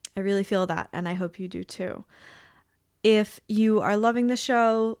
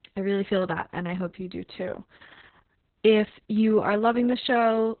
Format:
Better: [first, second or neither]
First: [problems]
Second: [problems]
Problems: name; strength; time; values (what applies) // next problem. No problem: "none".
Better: first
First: garbled, watery; slightly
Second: garbled, watery; badly; nothing above 4 kHz